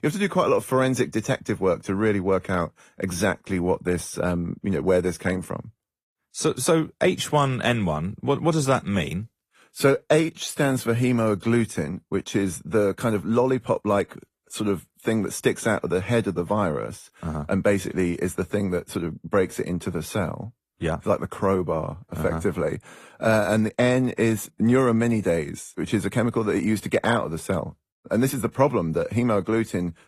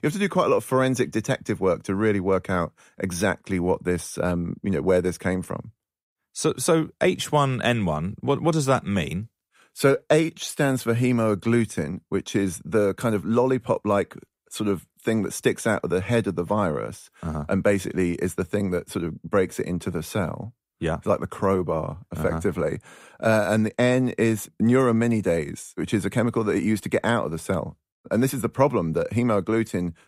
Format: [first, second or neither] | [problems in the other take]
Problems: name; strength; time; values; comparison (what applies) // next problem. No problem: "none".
second | garbled, watery; slightly; nothing above 12 kHz